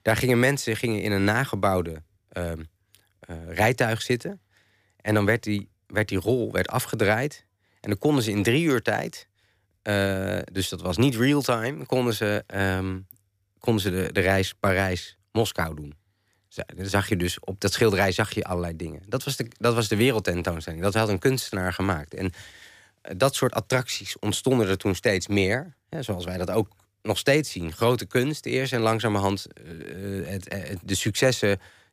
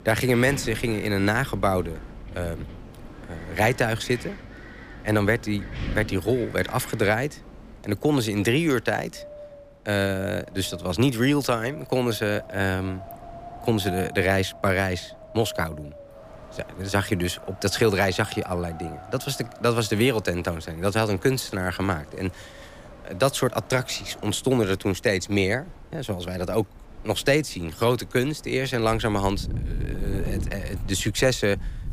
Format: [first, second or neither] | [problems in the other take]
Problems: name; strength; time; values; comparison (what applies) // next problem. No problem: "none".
first | wind in the background; noticeable; throughout; 15 dB below the speech